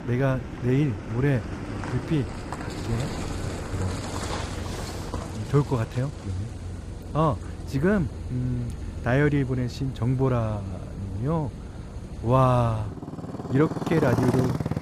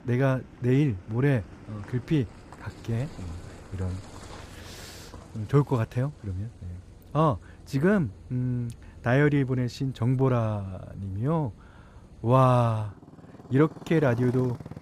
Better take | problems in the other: second | traffic noise; loud; throughout; 8 dB below the speech; faint in the second

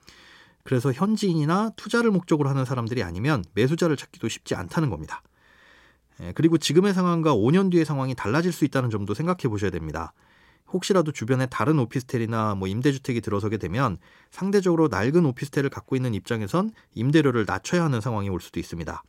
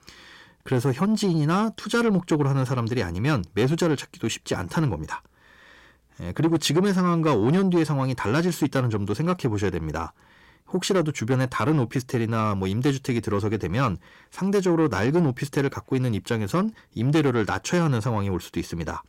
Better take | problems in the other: first | distortion; slight; 10 dB below the speech

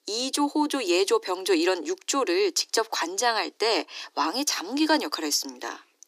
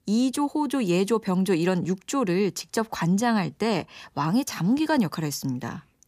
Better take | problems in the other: second | thin; somewhat; fading below 300 Hz

